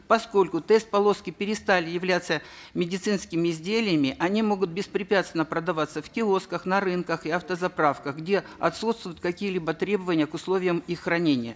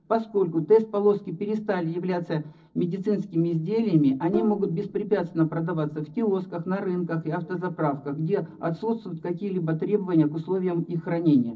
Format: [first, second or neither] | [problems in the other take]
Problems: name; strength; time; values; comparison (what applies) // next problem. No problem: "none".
first | noise reduction (neural separator model SepFormer DNS4)